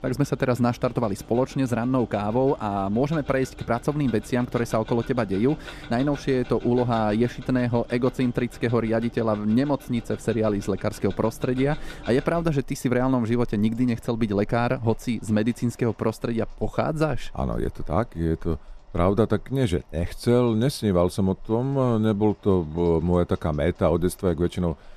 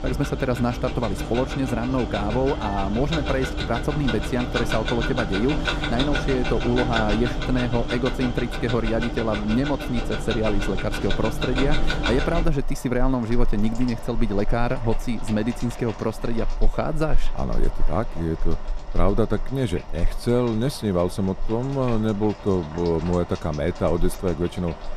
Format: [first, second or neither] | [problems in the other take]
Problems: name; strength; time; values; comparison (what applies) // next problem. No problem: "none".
first | household noises; loud; throughout; 5 dB below the speech; faint in the first